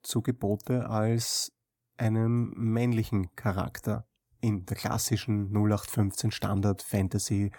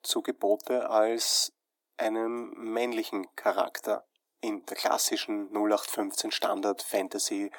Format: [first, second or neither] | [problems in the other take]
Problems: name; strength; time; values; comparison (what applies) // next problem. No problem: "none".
first | thin; very; fading below 300 Hz